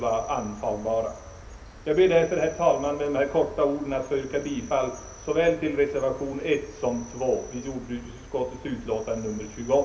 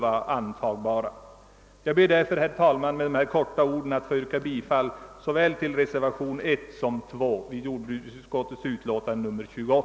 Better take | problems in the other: second | background sound (Cricket); 18 dB below the speech // room echo; dies away in 0.3 s

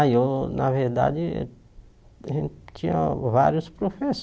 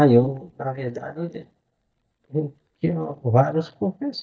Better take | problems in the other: first | noise reduction (neural mask model DeepFilterNet 3)

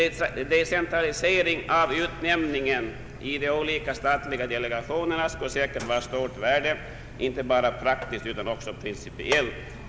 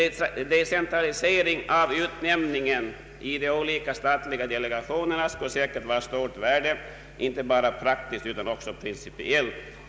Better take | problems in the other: second | background sound (Mechanisms); 14 dB below the speech

